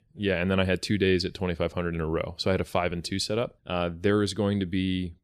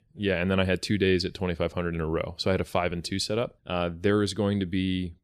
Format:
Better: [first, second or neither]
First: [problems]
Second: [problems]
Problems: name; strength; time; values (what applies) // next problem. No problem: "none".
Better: neither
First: none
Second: none